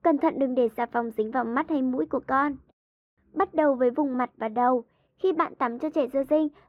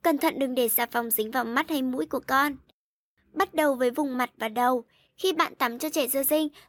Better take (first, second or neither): second